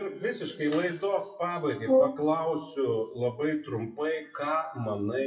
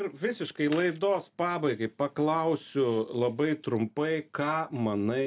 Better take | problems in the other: second | noise reduction (classical method WPE with log-MMSE)

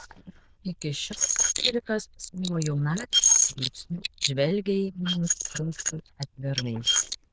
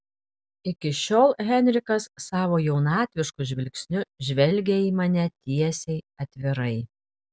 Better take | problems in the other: second | noise reduction (neural diffusion model UNIVERSE++)

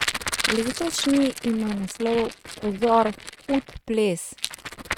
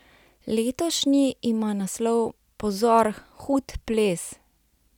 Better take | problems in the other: second | noise reduction (neural mask model RNNoise)

